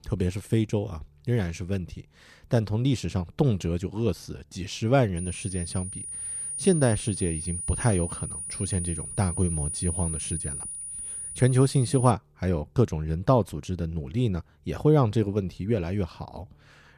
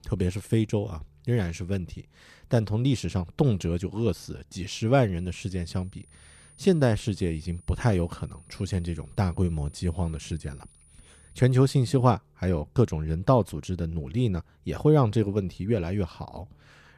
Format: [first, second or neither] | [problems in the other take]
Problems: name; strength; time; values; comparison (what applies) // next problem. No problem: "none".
second | high-pitched whine; loud; from 5 to 12 s; 9.5 kHz, 6 dB below the speech; faint in the second